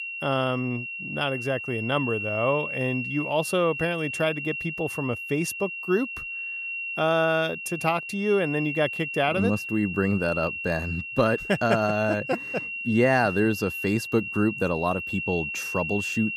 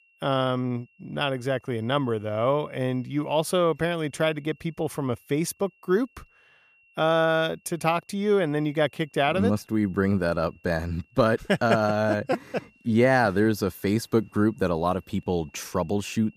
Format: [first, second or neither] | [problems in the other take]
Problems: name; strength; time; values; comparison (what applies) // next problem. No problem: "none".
second | high-pitched whine; loud; throughout; 2.5 kHz, 5 dB below the speech; faint in the second